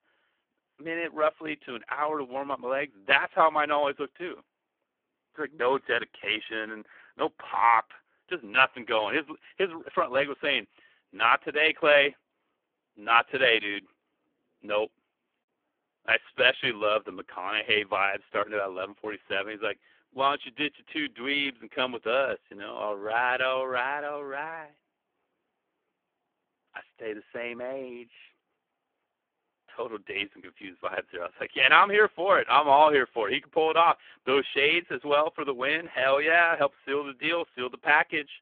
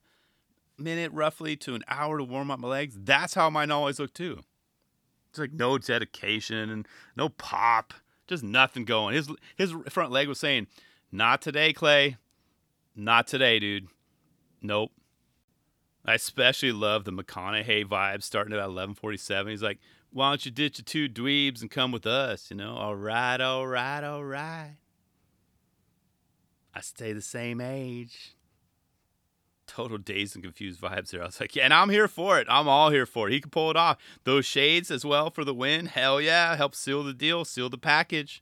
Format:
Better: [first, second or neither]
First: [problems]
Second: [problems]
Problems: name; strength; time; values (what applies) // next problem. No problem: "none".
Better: second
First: phone-call audio; poor line; nothing above 3.5 kHz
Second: none